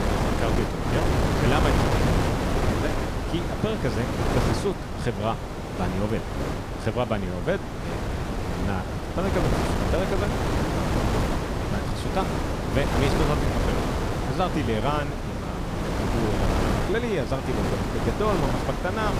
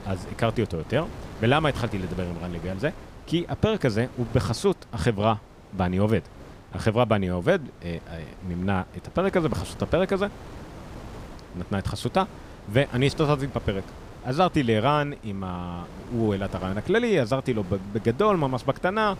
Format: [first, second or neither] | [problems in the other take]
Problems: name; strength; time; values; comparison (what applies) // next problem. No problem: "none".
second | wind noise on the microphone; heavy; 1 dB above the speech; occasional gusts in the second